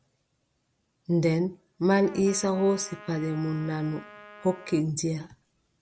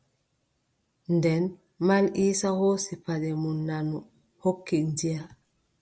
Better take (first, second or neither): second